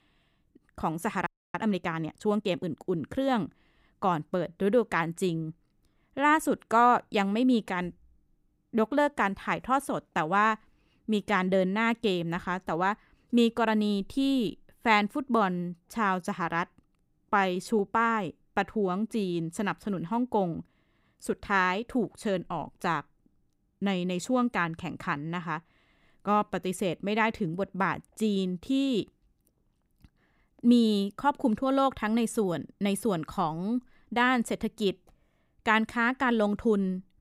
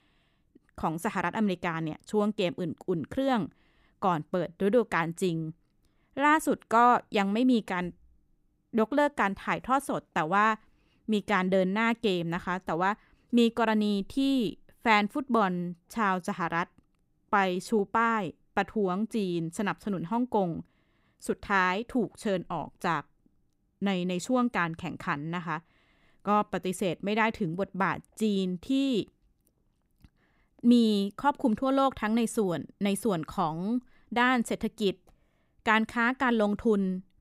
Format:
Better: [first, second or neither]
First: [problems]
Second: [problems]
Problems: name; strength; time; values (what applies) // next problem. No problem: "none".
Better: second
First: audio freezing; at 1.5 s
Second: none